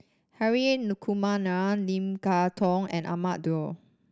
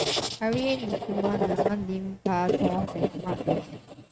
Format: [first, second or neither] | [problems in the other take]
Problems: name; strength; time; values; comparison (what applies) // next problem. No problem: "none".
first | noise reduction (neural mask model RNNoise)